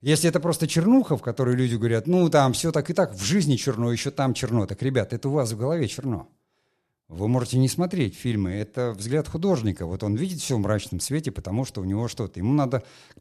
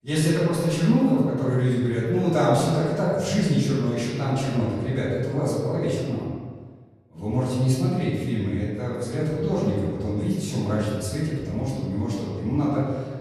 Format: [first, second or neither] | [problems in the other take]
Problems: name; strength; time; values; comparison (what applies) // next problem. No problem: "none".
first | off-mic speech; far // room echo; strong; dies away in 1.4 s